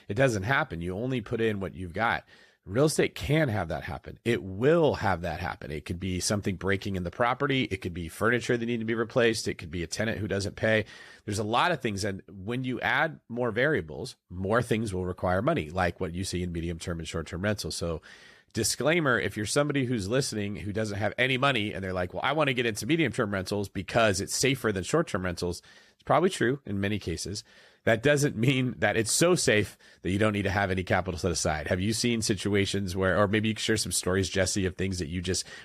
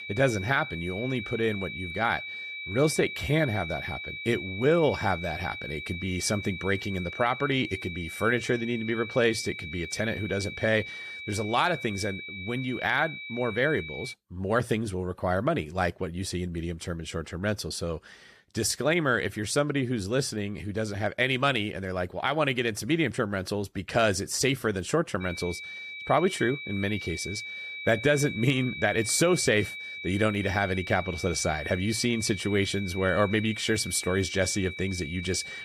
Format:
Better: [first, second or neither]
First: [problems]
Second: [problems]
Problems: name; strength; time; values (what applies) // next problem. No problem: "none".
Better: first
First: none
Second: high-pitched whine; loud; until 14 s and from 25 s on; 2.5 kHz, 9 dB below the speech